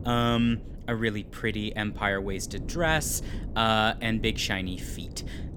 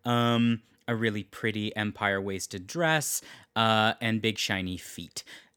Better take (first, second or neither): second